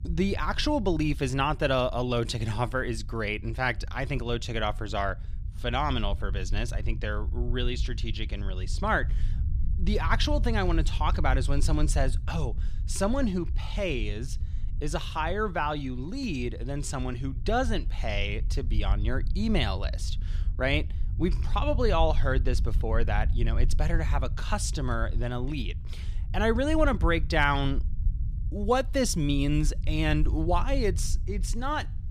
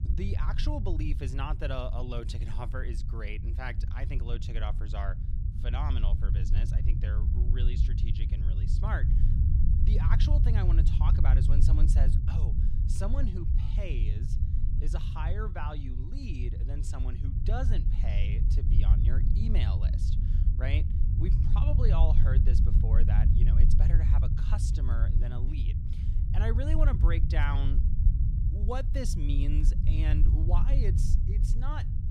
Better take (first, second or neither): first